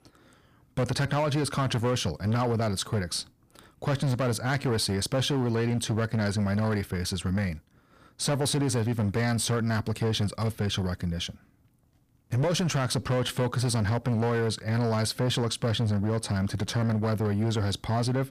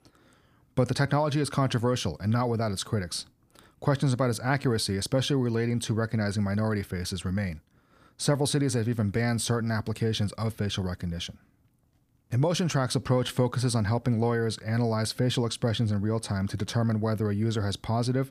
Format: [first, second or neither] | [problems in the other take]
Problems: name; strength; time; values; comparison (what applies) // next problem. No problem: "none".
second | distortion; slight; 15% of the sound clipped